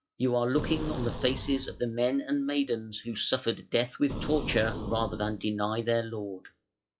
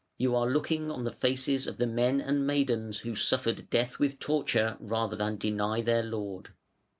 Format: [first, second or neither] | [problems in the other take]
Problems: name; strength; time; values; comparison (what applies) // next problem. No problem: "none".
second | noise reduction (classical method log-MMSE)